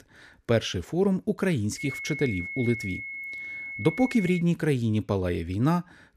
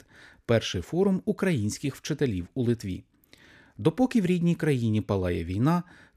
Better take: second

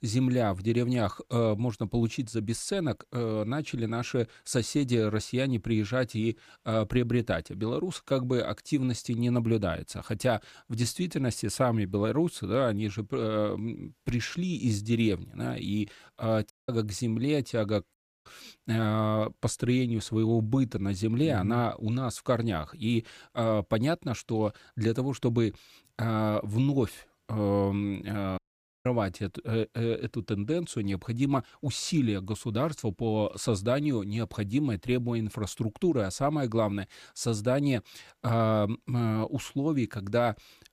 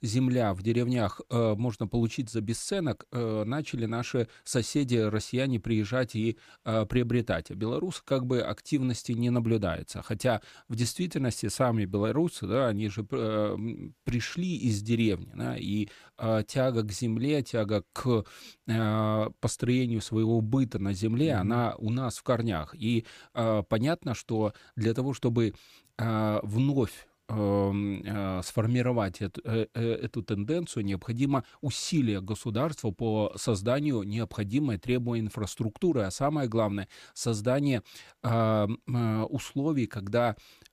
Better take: second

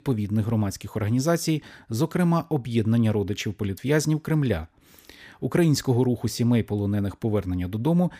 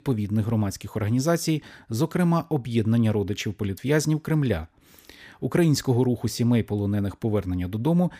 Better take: neither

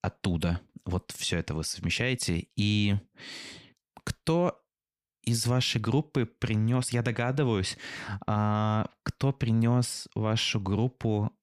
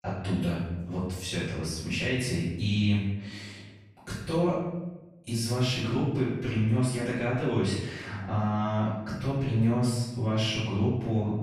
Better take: first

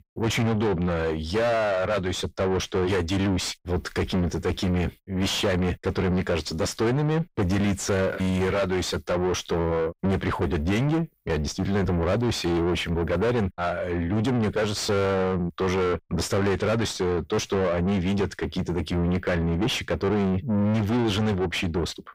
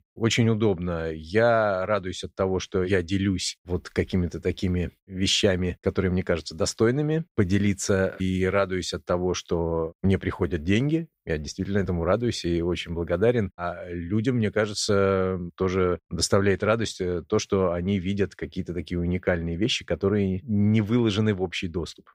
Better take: second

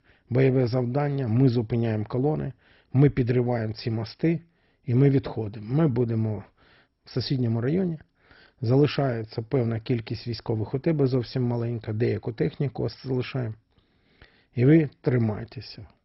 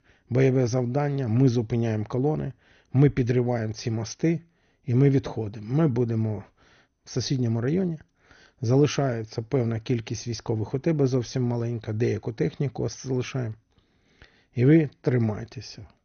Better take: second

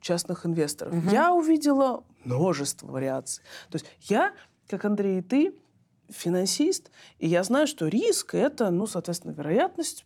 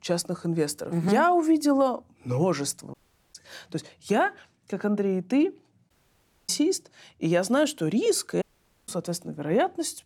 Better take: first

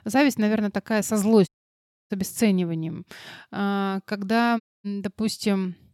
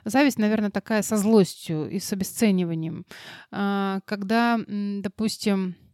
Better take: second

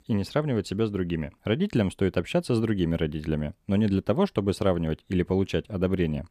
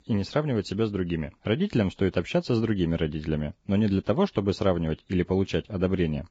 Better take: first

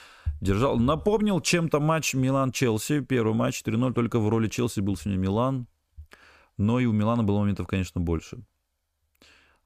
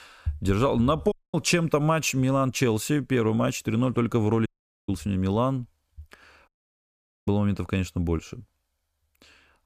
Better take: first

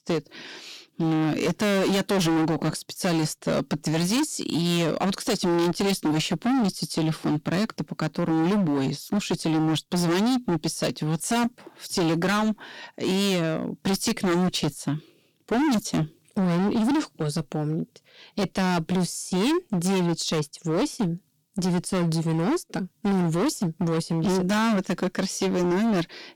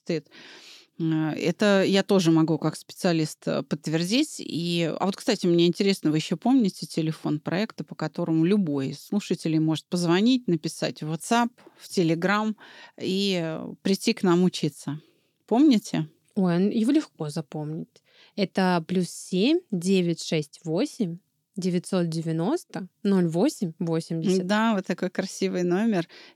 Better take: second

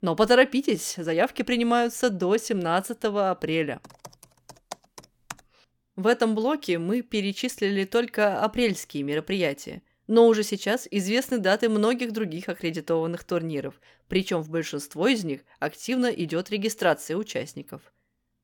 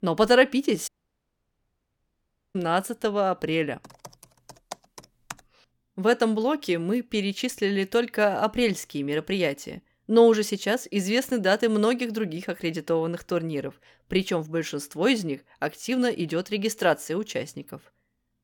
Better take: first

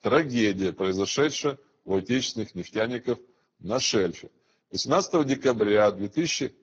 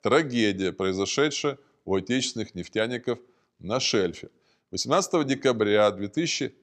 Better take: second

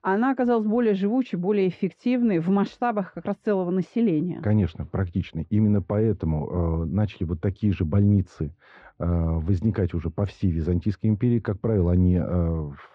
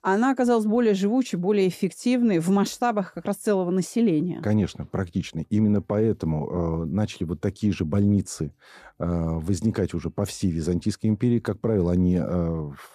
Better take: second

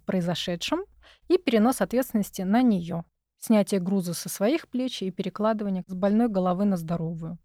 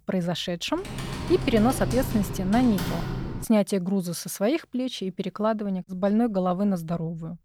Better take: first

